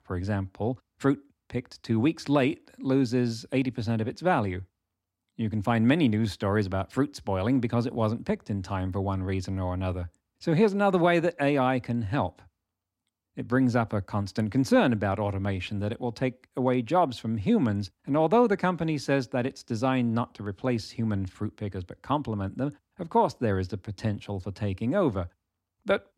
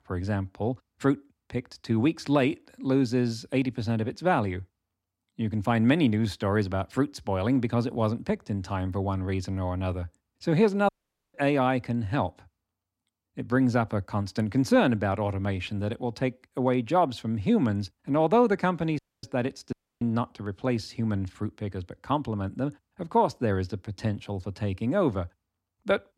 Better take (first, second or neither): first